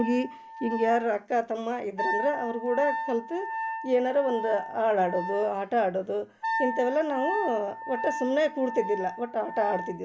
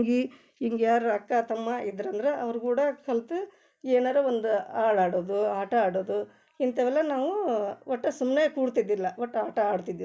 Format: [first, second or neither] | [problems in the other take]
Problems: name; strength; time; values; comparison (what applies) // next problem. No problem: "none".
second | background sound (Wind instrument, woodwind instrument); 7 dB below the speech